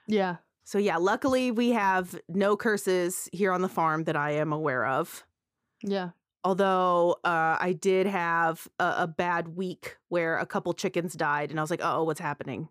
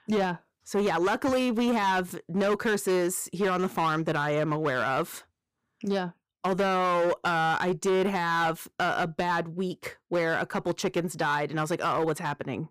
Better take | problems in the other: first | distortion; slight; 12% of the sound clipped

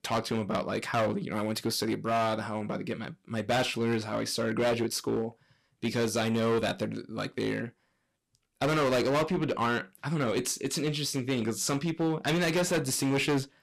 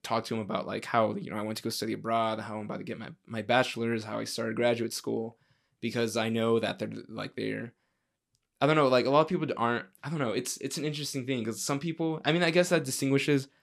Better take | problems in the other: second | distortion; heavy; 11% of the sound clipped

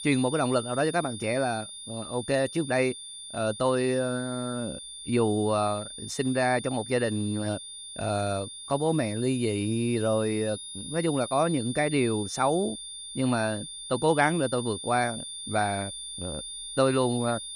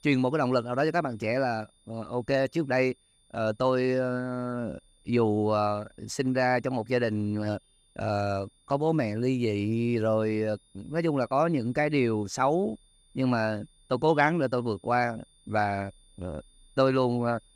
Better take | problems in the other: second | high-pitched whine; loud; throughout; 3.5 kHz, 9 dB below the speech; faint in the second

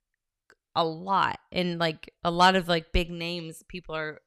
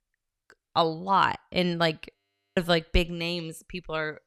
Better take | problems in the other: first | audio freezing; at 2 s

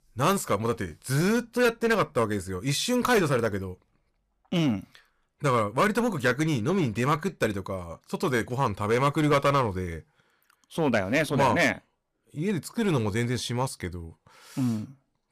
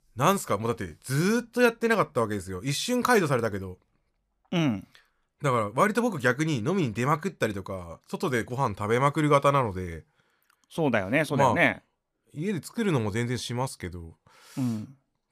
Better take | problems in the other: second | distortion; slight; 5% of the sound clipped

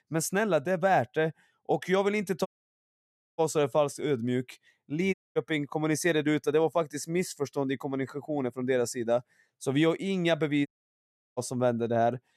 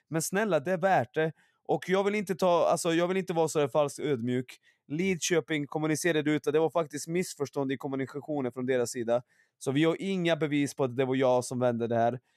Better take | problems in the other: second | audio cutting out; at 2.5 s for 1 s, at 5 s and at 11 s for 0.5 s

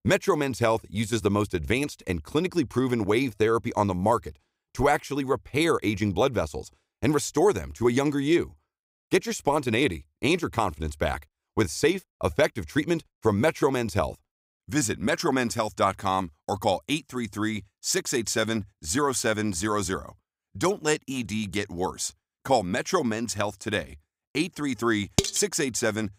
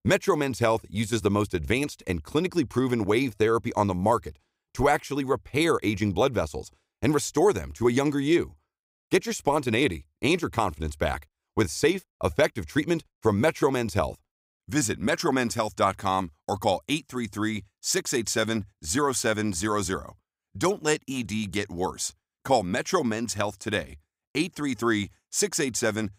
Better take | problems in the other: second | clattering dishes; noticeable; at 25 s; peak level with the speech

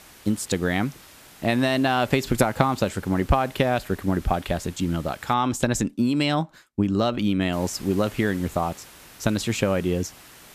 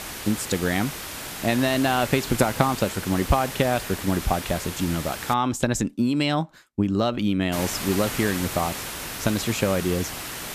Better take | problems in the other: first | hiss; loud; until 5.5 s and from 7.5 s on; 7 dB below the speech; faint in the first

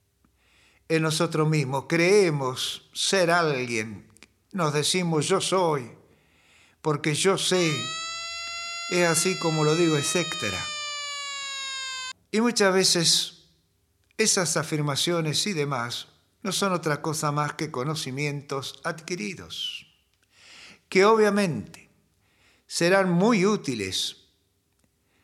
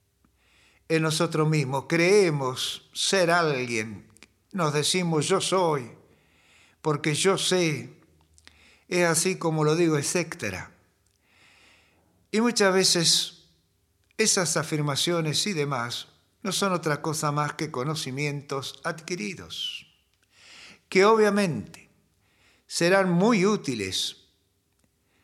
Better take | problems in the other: second | siren; noticeable; from 7.5 to 12 s; peak 5 dB below the speech

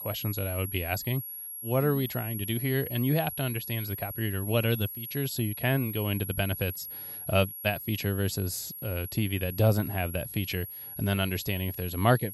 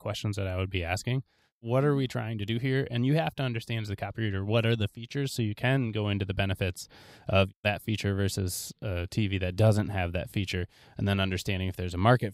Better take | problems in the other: second | high-pitched whine; loud; throughout; 11.5 kHz, 7 dB below the speech

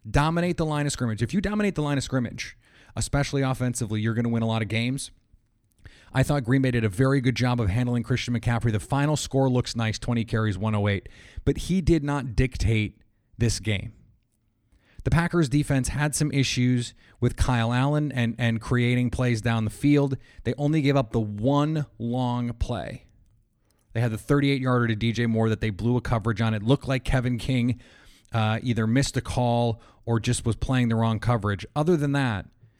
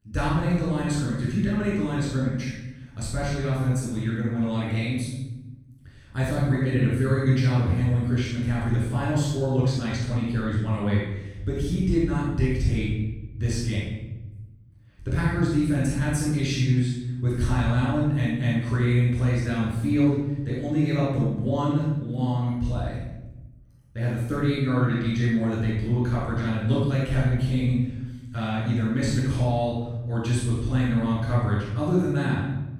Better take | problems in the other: first | off-mic speech; far // room echo; strong; dies away in 1.1 s

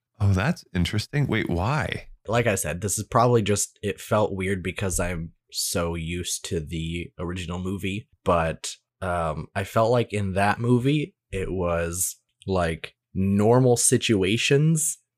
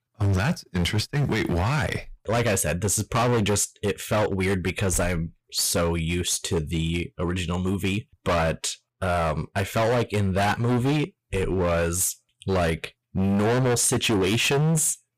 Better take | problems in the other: first | distortion; heavy; 19% of the sound clipped

